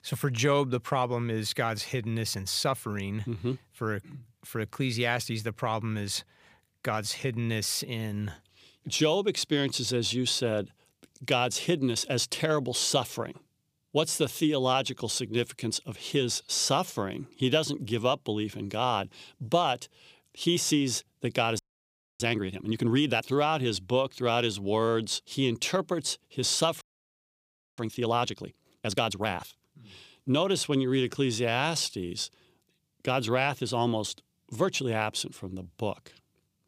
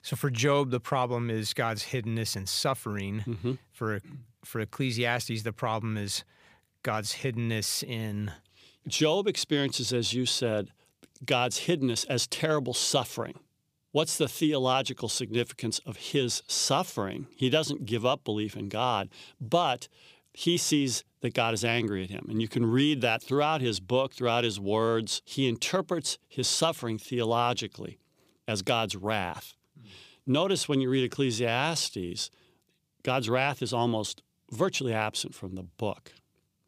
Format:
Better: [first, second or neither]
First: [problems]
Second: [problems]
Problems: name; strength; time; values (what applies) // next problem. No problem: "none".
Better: second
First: audio freezing; at 22 s for 0.5 s and at 27 s for 1 s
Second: none